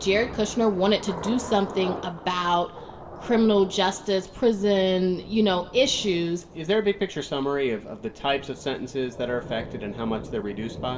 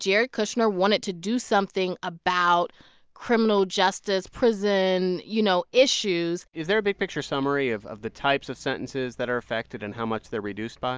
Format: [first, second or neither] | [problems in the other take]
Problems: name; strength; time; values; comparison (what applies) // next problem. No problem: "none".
second | background sound (Thunder / Rain); 14 dB below the speech // room echo; dies away in 0.7 s